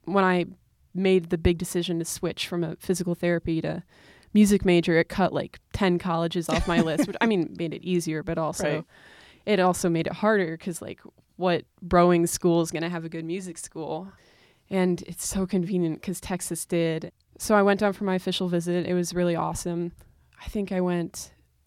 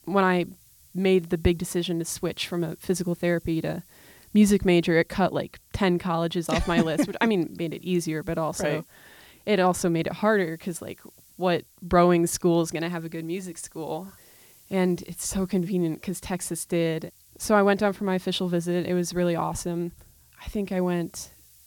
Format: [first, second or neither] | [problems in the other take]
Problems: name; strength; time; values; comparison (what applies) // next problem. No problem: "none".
first | hiss; faint; throughout; 30 dB below the speech